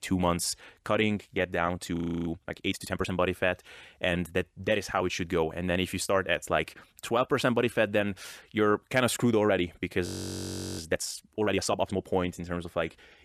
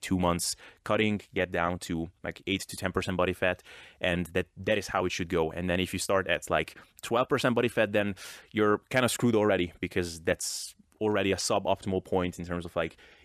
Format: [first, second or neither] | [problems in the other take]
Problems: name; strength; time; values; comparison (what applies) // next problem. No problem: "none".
second | audio freezing; at 2 s and at 10 s for 0.5 s